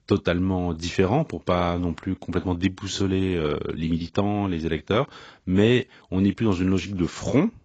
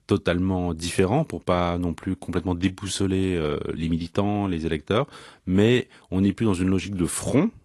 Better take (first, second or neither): second